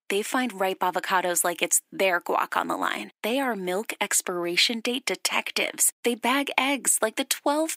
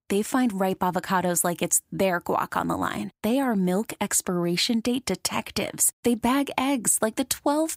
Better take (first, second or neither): second